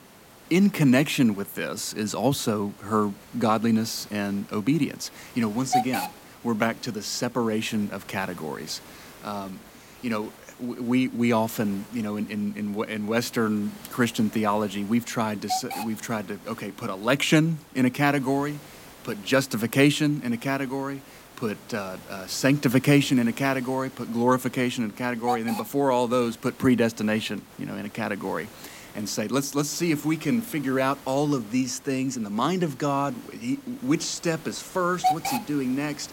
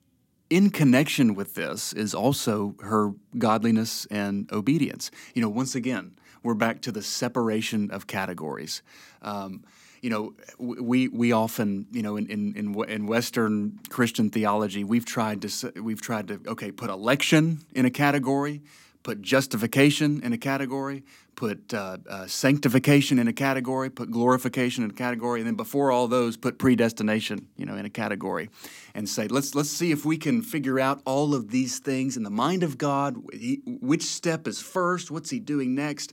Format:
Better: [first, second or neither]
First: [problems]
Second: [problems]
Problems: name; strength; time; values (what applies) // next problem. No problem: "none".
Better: second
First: hiss; noticeable; throughout; 15 dB below the speech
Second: none